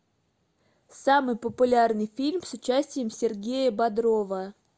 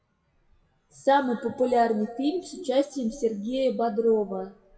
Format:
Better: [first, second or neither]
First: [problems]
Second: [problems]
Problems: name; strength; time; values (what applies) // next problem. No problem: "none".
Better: first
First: none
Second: noise reduction (classical method WPE with log-MMSE)